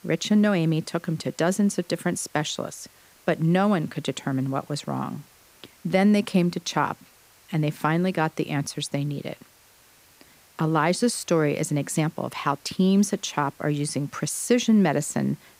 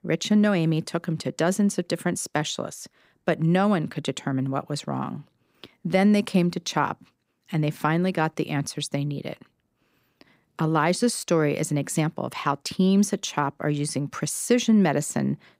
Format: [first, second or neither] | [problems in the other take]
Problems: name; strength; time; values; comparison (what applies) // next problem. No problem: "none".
second | hiss; faint; throughout; 30 dB below the speech